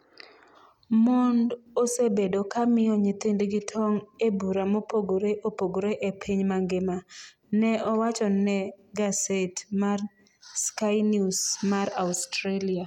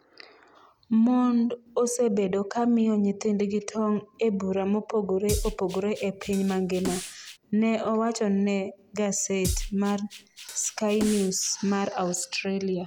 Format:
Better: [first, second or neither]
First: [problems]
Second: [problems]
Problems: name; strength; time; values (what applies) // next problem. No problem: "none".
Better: first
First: none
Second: background sound (Drum kit); 9 dB below the speech